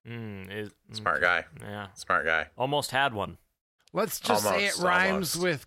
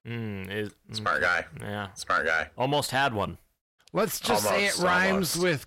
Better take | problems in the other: first | distortion; slight; 10 dB below the speech

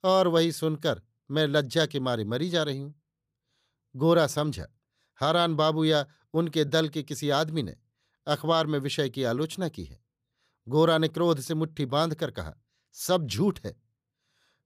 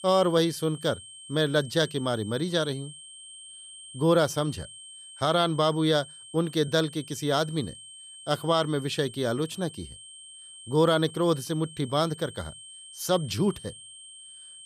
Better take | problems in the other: first | high-pitched whine; noticeable; throughout; 3 kHz, 15 dB below the speech

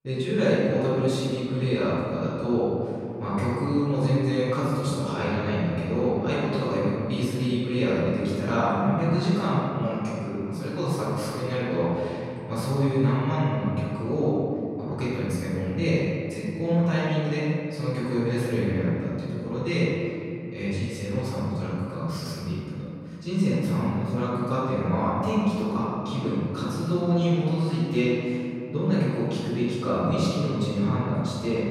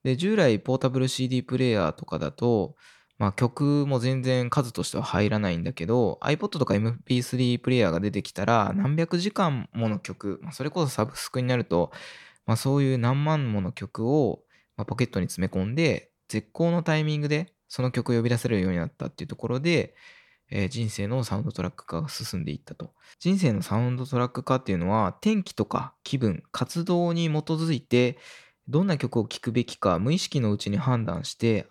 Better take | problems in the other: second | room echo; strong; dies away in 2.5 s // off-mic speech; far

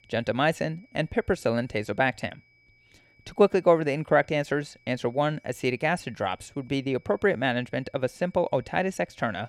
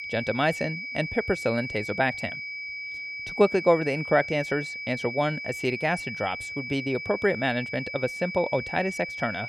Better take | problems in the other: first | high-pitched whine; loud; throughout; 2.5 kHz, 6 dB below the speech; faint in the first

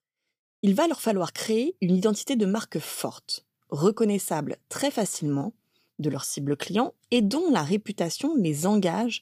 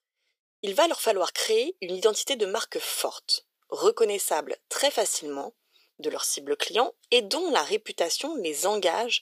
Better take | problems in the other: first | thin; very; fading below 450 Hz

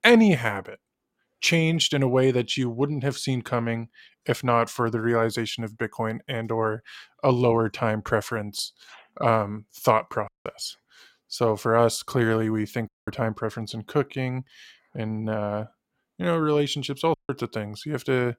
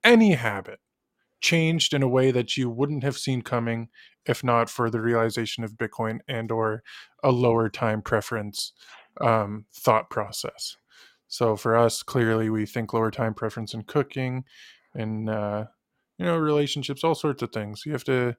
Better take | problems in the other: second | audio cutting out; at 10 s, at 13 s and at 17 s

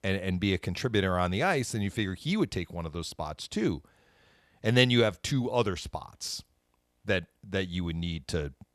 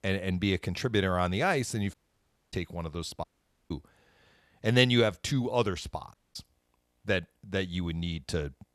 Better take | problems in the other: first | audio cutting out; at 2 s for 0.5 s, at 3 s and at 6 s

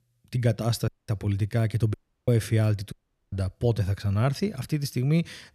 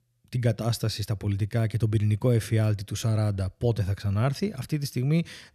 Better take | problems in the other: second | audio cutting out; at 1 s, at 2 s and at 3 s

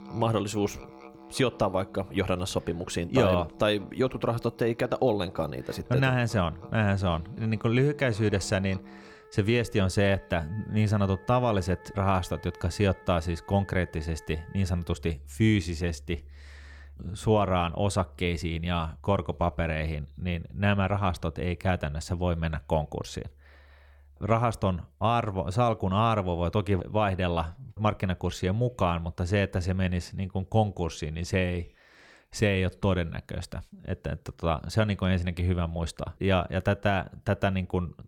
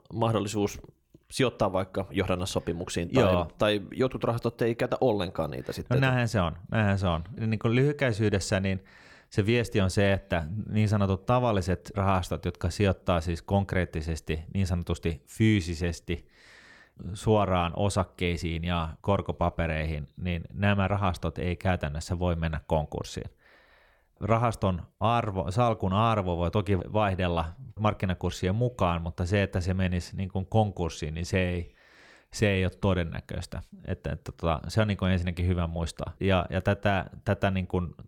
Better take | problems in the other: second | background music; faint; until 25 s; 20 dB below the speech

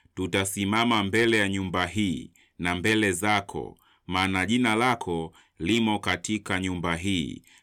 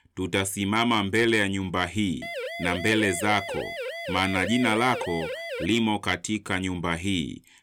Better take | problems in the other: first | siren; noticeable; from 2 to 5.5 s; peak 7 dB below the speech

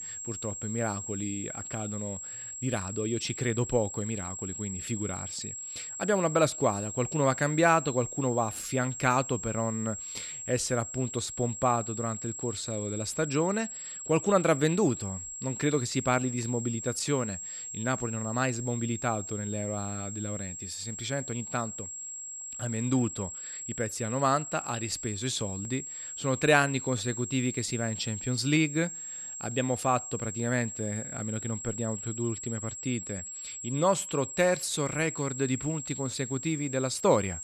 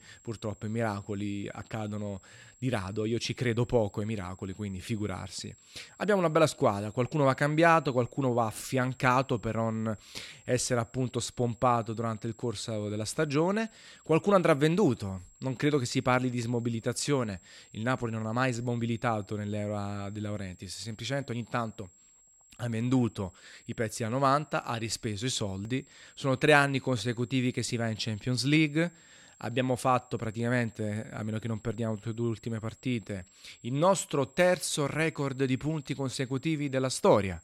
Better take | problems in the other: second | high-pitched whine; loud; throughout; 7.5 kHz, 7 dB below the speech; faint in the second

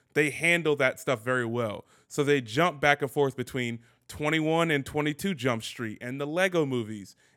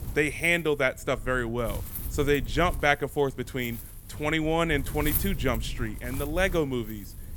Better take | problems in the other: first | wind noise on the microphone; occasional gusts; 20 dB below the speech

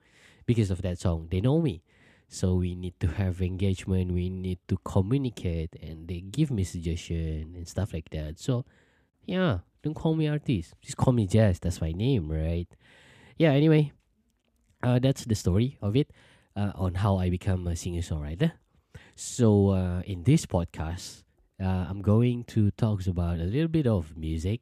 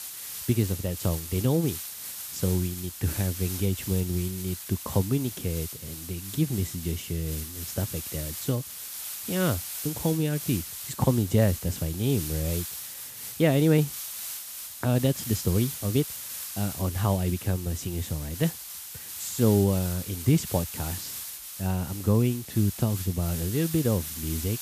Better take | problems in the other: first | hiss; loud; throughout; 7 dB below the speech

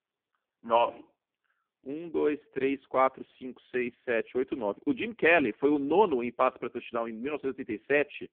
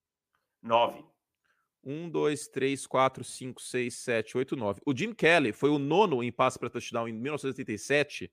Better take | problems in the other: second | phone-call audio; poor line

